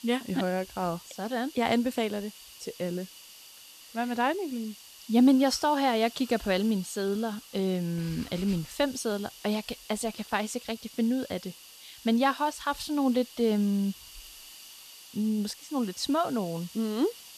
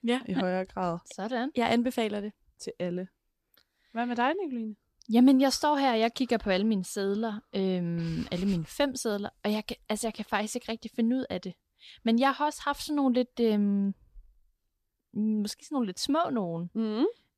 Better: second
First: hiss; noticeable; throughout; 15 dB below the speech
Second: none

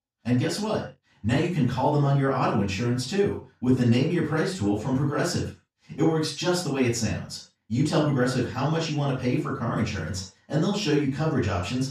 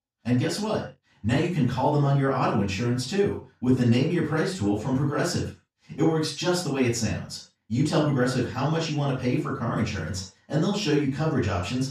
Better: neither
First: room echo; noticeable; dies away in 0.3 s // off-mic speech; far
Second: room echo; noticeable; dies away in 0.3 s // off-mic speech; far

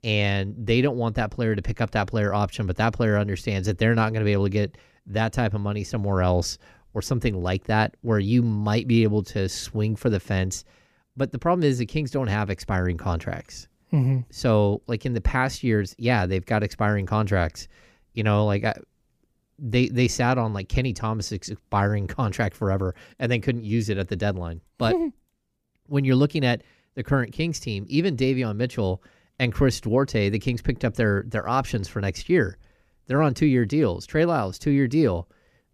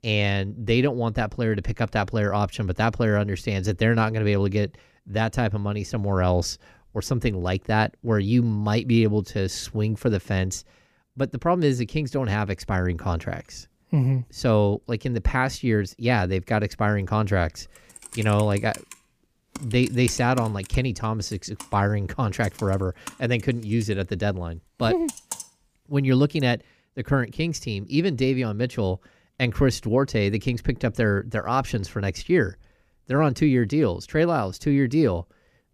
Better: first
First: none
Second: keyboard typing; noticeable; from 18 to 26 s; peak 9 dB below the speech

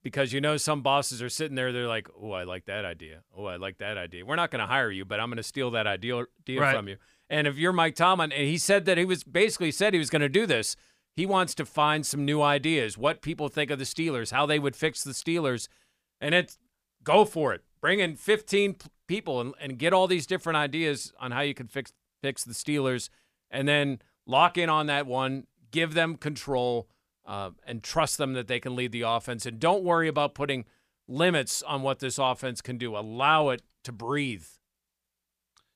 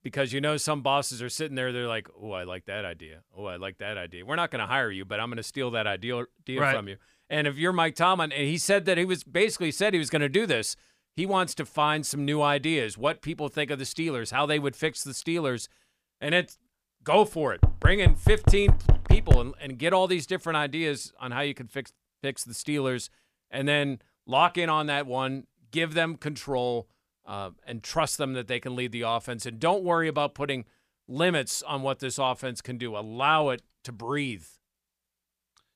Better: first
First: none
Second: door banging; loud; from 18 to 19 s; peak 5 dB above the speech

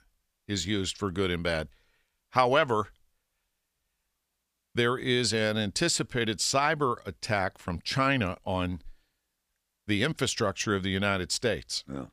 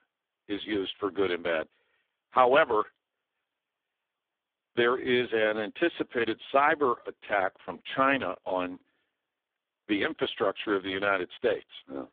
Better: first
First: none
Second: phone-call audio; poor line; nothing above 3.5 kHz

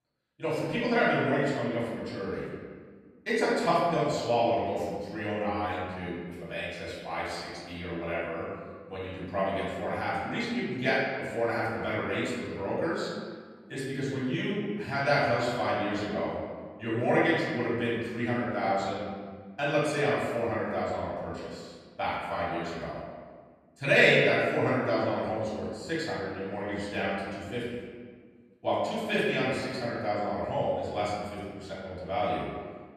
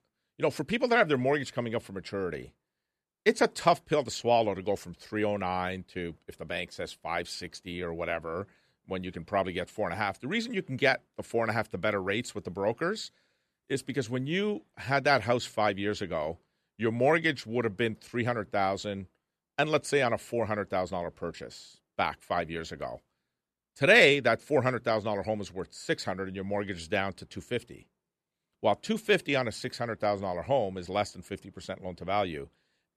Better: second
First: room echo; strong; dies away in 1.5 s // off-mic speech; far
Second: none

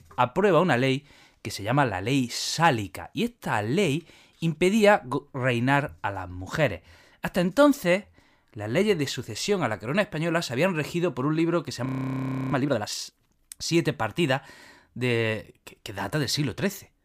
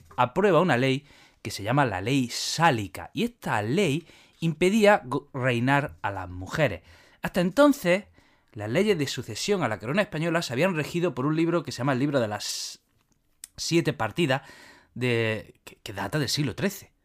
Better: second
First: audio freezing; at 12 s for 0.5 s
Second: none

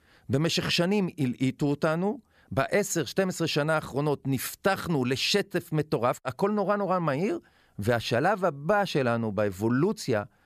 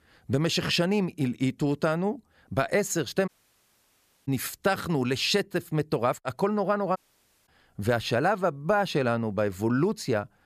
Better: first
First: none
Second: audio cutting out; at 3.5 s for 1 s and at 7 s for 0.5 s

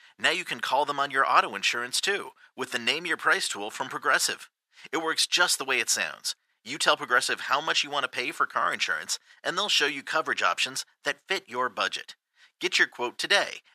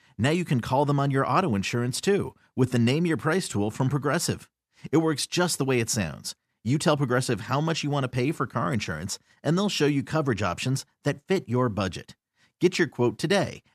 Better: second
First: thin; very; fading below 700 Hz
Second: none

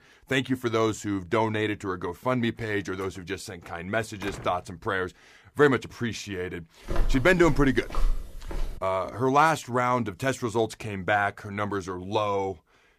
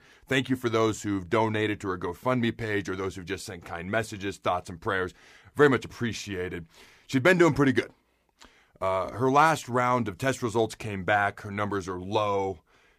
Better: second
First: door banging; faint; from 2.5 to 4.5 s; peak 15 dB below the speech // footsteps; noticeable; from 7 to 9 s; peak 5 dB below the speech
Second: none

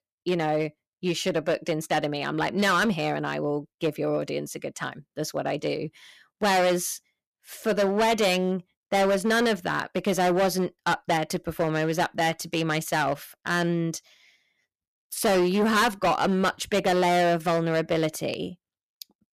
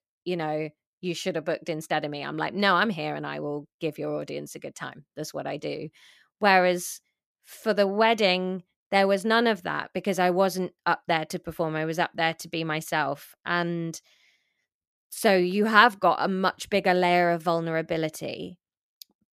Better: second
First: distortion; heavy; 10% of the sound clipped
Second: none

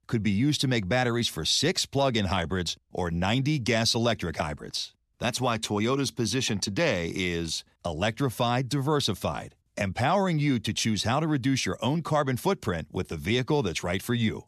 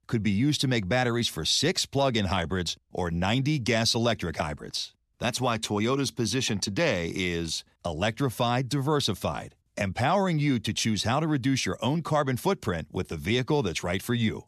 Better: neither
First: none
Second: none

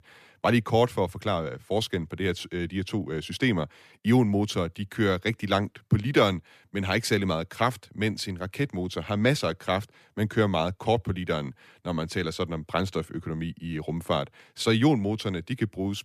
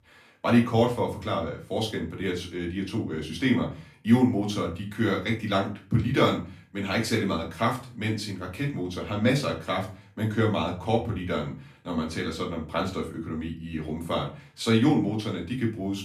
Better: first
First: none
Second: off-mic speech; far // room echo; slight; dies away in 0.3 s

